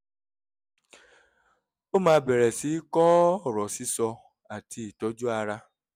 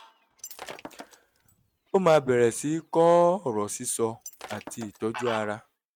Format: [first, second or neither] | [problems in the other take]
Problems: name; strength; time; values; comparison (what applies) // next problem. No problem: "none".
first | noise reduction (neural mask model RNNoise)